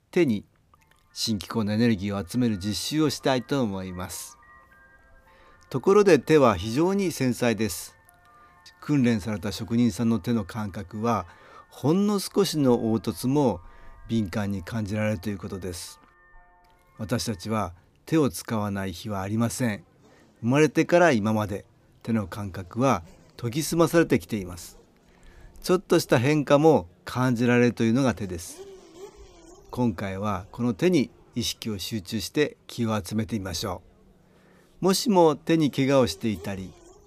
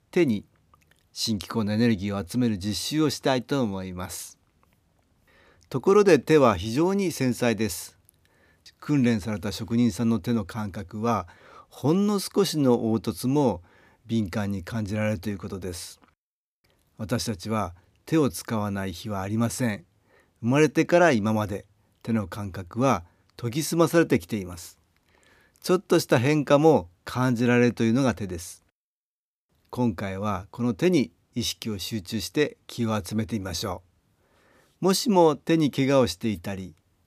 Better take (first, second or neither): second